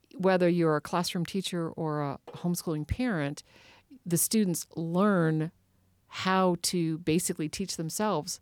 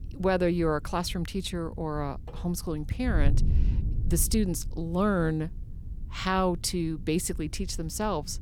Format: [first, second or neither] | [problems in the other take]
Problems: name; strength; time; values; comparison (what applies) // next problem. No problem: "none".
first | wind noise on the microphone; occasional gusts; 20 dB below the speech